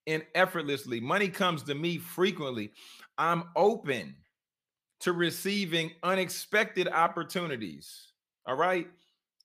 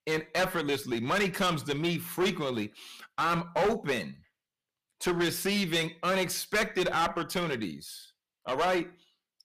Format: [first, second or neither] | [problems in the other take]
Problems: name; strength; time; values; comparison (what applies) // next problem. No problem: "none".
first | distortion; heavy; 10% of the sound clipped